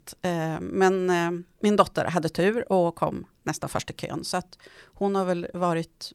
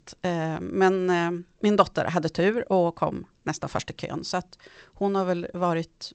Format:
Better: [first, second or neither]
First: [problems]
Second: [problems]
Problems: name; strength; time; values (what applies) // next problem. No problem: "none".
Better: first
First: none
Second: garbled, watery; slightly; nothing above 7.5 kHz